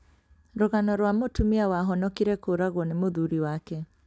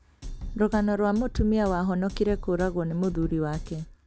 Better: first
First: none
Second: background sound (Drum kit); 10 dB below the speech

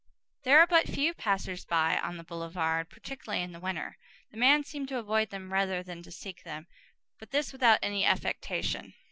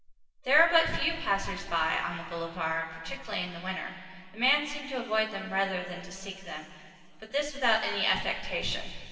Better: first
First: none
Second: room echo; dies away in 2.6 s

